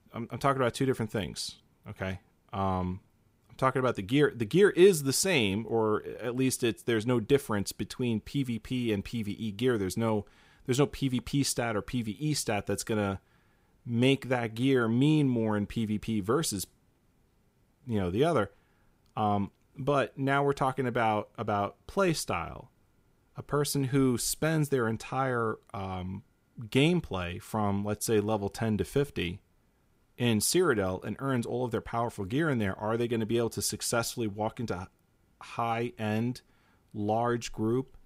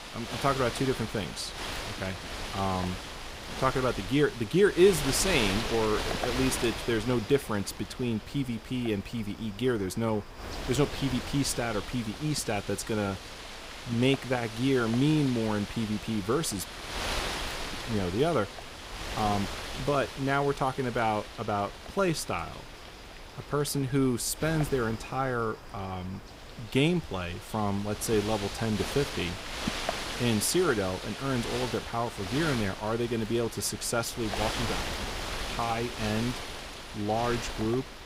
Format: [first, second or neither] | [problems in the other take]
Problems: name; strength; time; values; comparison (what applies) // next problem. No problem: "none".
first | wind noise on the microphone; heavy; 5 dB below the speech